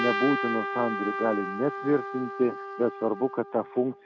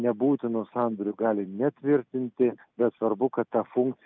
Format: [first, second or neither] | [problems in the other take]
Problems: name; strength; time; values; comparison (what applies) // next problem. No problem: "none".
second | background sound (Trumpet); 5 dB below the speech